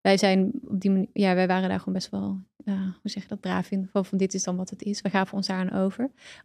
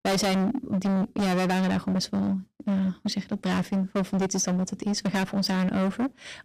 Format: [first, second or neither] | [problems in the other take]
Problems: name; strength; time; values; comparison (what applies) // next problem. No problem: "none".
first | distortion; heavy; 27% of the sound clipped